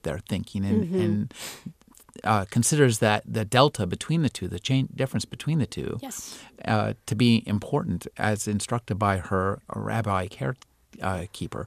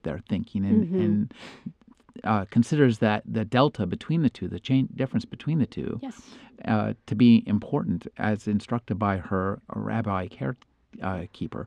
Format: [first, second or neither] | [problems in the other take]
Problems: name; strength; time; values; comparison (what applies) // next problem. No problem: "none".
first | muffled; slightly; fading above 3 kHz